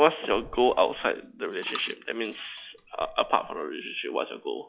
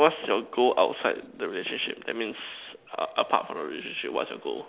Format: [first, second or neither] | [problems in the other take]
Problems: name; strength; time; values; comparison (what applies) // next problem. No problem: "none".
second | noise reduction (classical method log-MMSE)